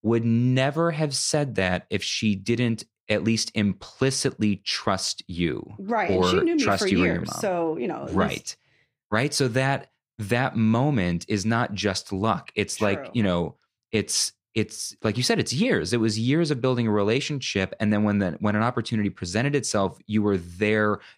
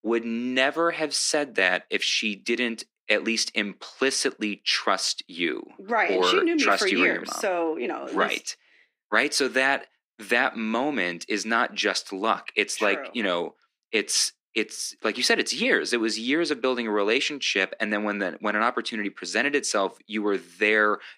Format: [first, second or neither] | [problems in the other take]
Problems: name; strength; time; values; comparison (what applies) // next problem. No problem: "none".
first | thin; somewhat; fading below 250 Hz